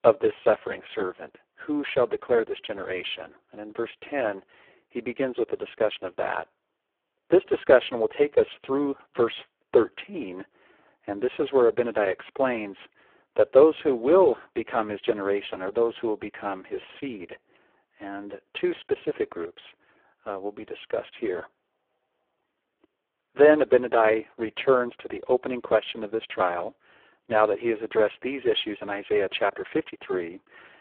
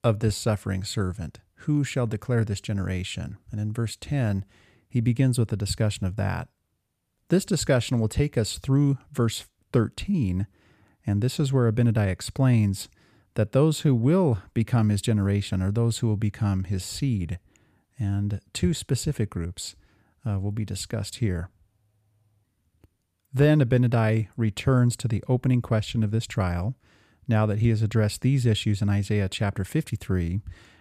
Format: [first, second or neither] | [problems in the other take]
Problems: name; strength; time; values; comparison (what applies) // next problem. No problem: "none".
second | phone-call audio; poor line; nothing above 3.5 kHz